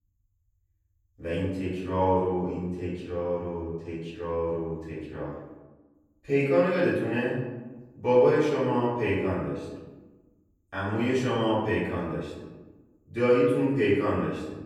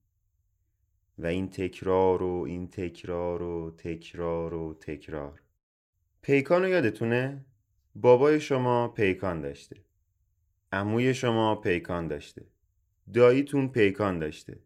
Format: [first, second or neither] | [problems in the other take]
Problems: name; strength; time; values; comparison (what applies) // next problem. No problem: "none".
second | off-mic speech; far // room echo; noticeable; dies away in 1 s